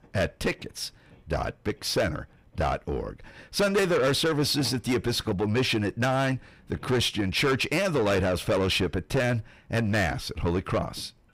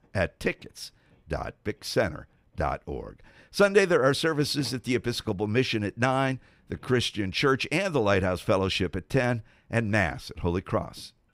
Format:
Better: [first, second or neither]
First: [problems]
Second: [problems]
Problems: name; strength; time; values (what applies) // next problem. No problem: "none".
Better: second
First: distortion; heavy; 7 dB below the speech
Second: none